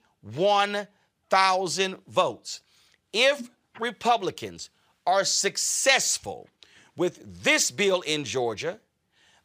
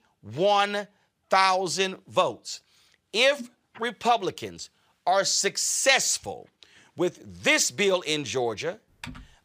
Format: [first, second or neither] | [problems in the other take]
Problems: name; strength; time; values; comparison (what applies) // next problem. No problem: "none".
first | keyboard typing; faint; at 9 s; peak 15 dB below the speech